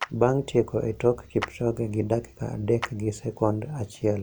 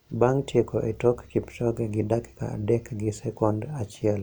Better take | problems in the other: second | background sound (Clapping); 16 dB below the speech

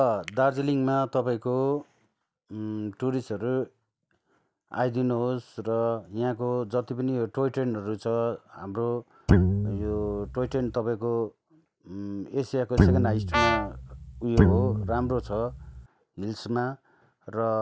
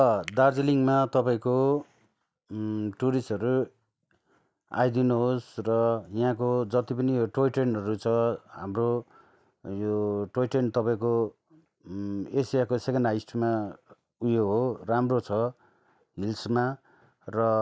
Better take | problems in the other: second | background sound (Brass instrument + Guitar); 4 dB above the speech

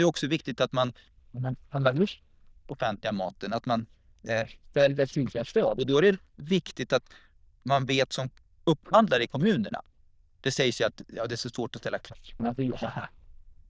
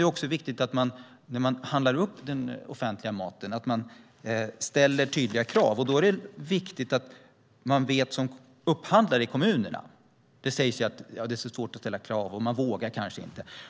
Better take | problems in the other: second | noise reduction (neural diffusion model UNIVERSE++)

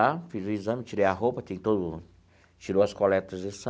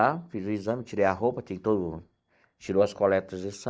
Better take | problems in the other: first | noise reduction (neural mask model DeepFilterNet 3)

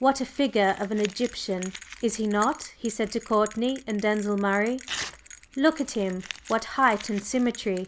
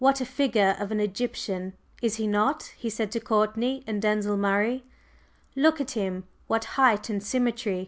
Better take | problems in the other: second | background sound (Bell + Crumpling, crinkling / Tearing); 16 dB below the speech

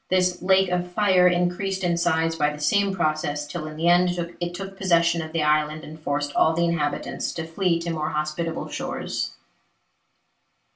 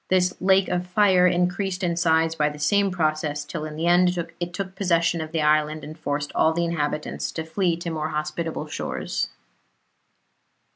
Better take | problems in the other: second | room echo; dies away in 0.2 s

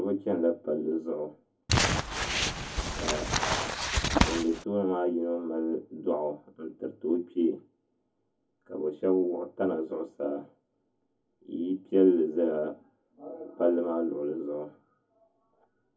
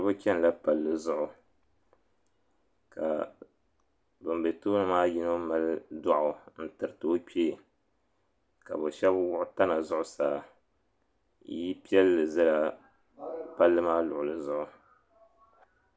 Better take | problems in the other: second | background sound (Crumpling, crinkling); 2 dB above the speech // room echo; dies away in 0.3 s

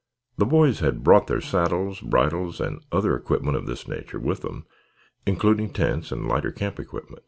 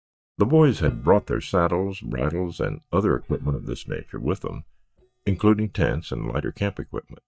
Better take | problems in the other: first | noise reduction (neural mask model DeepFilterNet 3)

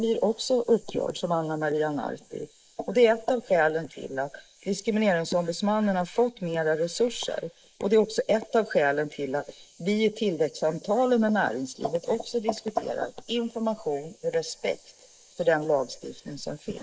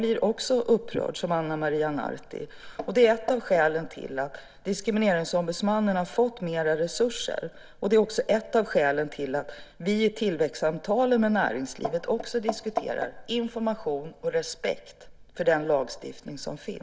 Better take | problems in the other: second | noise reduction (neural mask model Resemble Enhance denoiser)

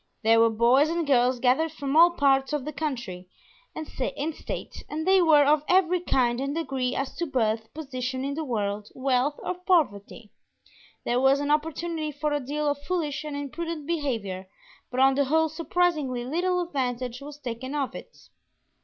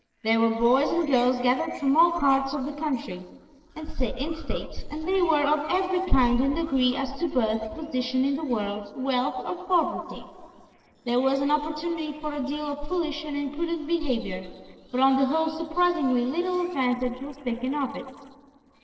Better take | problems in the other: first | noise reduction (neural separator model SepFormer DNS4)

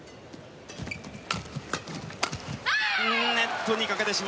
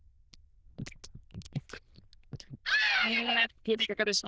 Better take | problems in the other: first | noise reduction (neural diffusion model UNIVERSE++)

